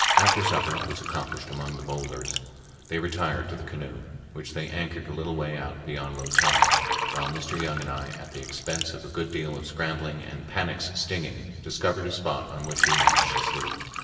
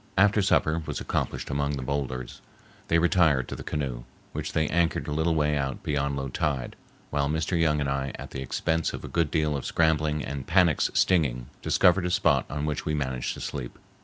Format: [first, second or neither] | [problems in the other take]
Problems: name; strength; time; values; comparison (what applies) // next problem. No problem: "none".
second | background sound (Liquid); 2 dB above the speech // room echo; dies away in 2.5 s